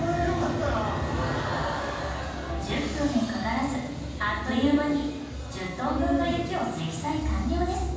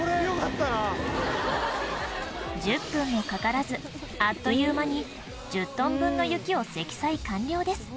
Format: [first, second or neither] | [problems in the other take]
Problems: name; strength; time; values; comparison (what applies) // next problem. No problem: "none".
second | background sound (Bowed string instrument); 20 dB below the speech // room echo; dies away in 1.2 s